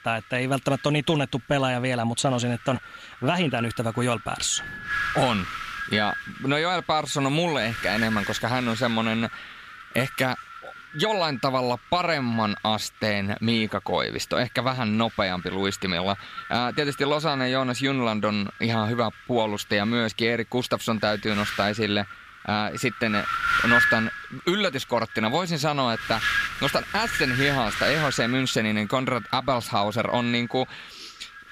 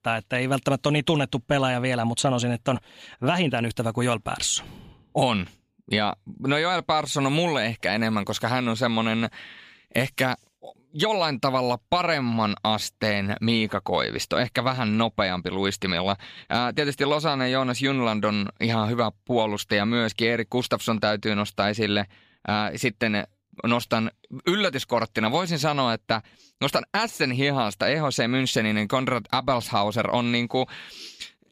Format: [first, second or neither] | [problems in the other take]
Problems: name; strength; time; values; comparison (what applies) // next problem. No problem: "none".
second | wind noise on the microphone; heavy; 3 dB below the speech